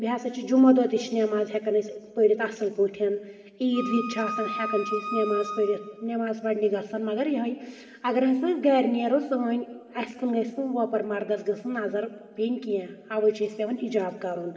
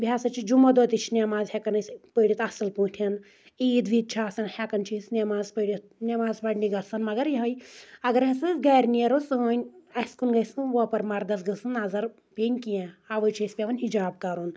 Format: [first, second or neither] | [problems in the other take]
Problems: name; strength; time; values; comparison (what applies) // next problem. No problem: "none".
second | background sound (Wind instrument, woodwind instrument); 7 dB below the speech // room echo; dies away in 1.8 s